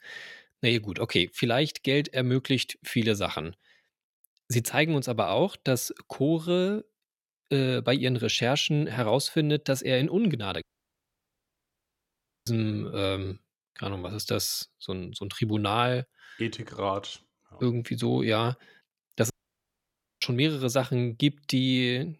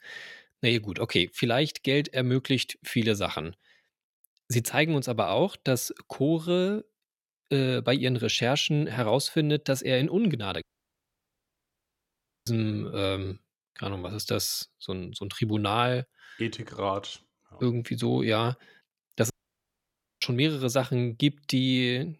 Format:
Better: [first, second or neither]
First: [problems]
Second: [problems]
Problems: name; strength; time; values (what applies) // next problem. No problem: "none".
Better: neither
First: audio cutting out; at 11 s for 2 s and at 19 s for 1 s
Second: audio cutting out; at 11 s for 2 s and at 19 s for 1 s